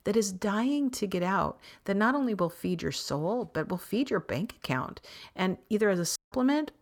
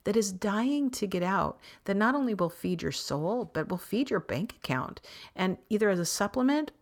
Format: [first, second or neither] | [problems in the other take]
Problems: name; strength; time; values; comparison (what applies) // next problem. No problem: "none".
second | audio cutting out; at 6 s